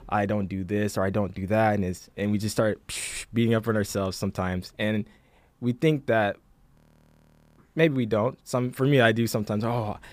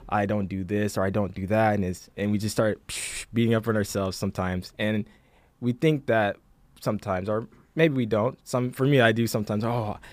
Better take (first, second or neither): second